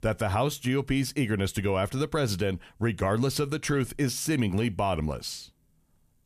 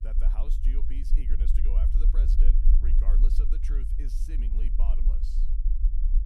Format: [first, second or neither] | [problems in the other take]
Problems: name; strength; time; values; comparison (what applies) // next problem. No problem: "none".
first | low rumble; loud; throughout; 1 dB below the speech